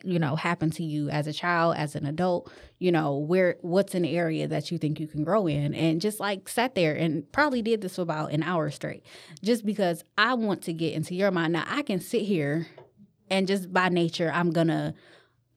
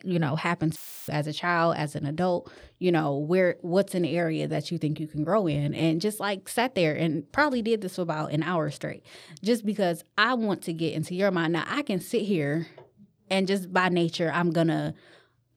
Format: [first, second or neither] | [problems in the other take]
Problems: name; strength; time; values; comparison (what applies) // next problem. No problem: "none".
first | audio cutting out; filled with static; at 1 s